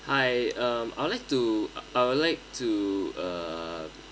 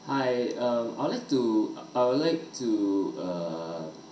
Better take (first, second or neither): first